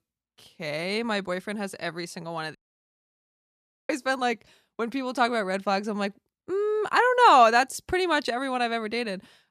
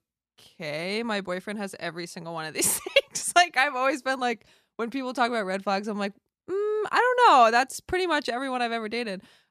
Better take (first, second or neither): second